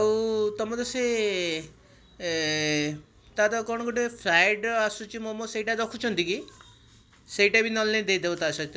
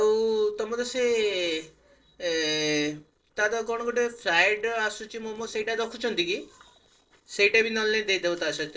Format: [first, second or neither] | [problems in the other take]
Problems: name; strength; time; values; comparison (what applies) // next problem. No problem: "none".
first | noise reduction (neural separator model SepFormer DNS4)